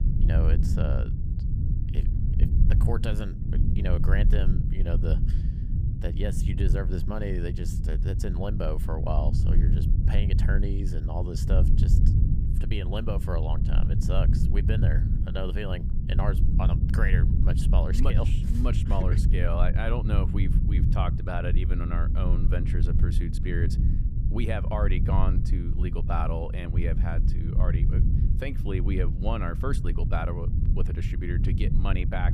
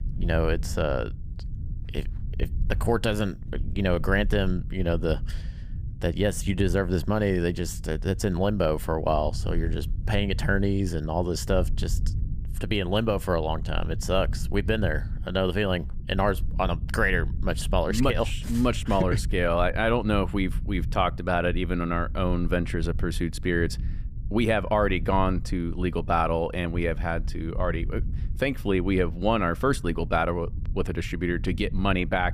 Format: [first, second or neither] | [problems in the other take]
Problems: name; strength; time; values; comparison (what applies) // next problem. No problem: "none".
second | low rumble; loud; throughout; 5 dB below the speech; faint in the second